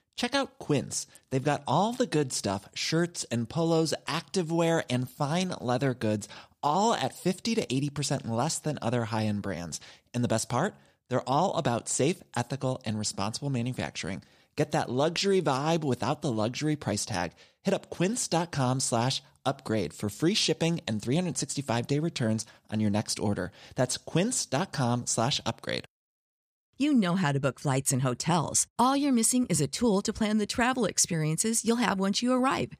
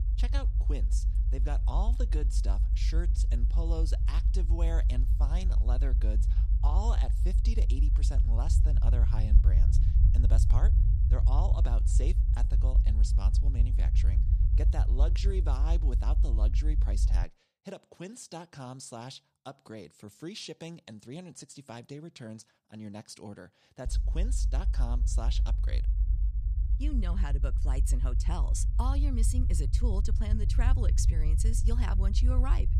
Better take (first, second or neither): first